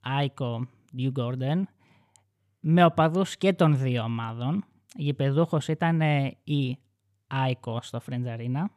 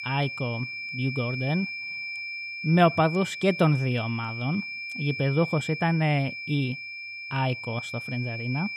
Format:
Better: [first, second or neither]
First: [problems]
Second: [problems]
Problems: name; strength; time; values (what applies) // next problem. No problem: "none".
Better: first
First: none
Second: high-pitched whine; loud; throughout; 2.5 kHz, 7 dB below the speech